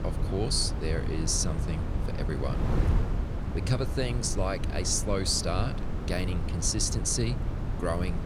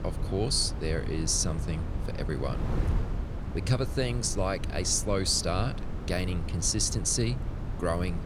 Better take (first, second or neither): second